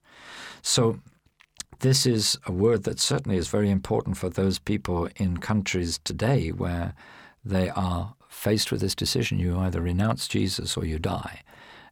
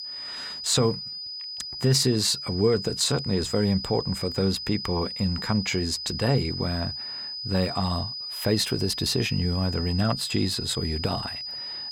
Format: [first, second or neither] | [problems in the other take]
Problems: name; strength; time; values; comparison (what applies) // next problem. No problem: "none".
first | high-pitched whine; loud; throughout; 5 kHz, 6 dB below the speech